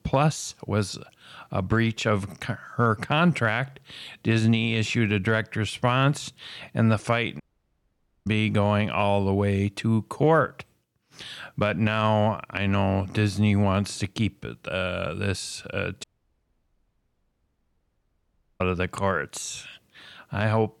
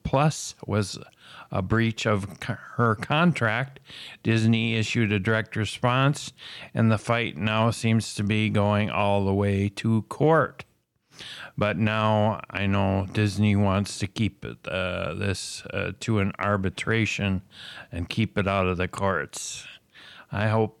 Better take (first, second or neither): second